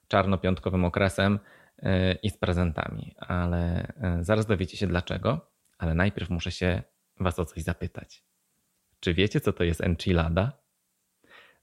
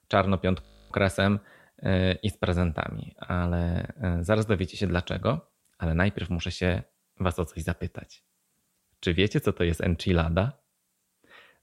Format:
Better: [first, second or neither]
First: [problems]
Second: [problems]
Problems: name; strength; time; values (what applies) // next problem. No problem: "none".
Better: first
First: none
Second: audio freezing; at 0.5 s